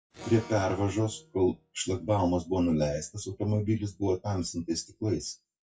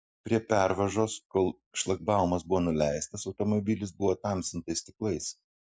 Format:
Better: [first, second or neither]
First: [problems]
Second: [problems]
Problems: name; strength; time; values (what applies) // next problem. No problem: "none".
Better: second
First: noise reduction (classical method WPE with log-MMSE)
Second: none